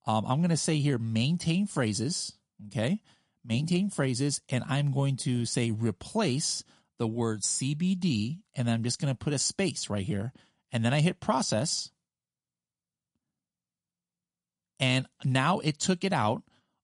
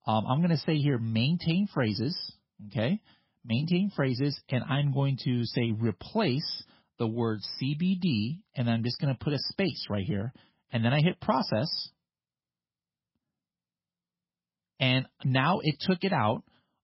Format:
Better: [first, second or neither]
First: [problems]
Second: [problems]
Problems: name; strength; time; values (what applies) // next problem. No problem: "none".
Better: first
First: garbled, watery; slightly; nothing above 10 kHz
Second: garbled, watery; badly; nothing above 5.5 kHz